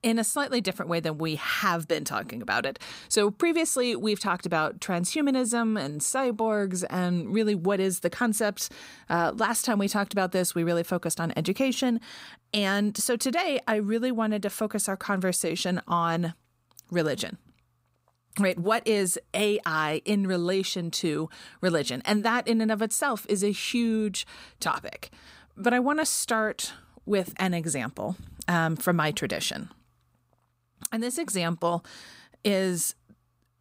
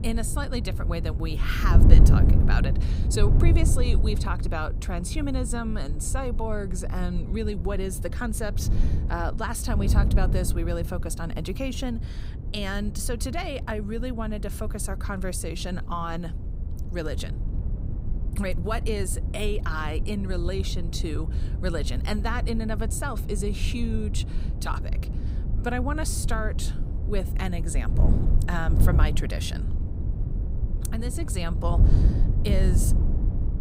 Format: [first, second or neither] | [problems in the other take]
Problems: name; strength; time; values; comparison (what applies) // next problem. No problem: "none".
first | wind noise on the microphone; heavy; 8 dB below the speech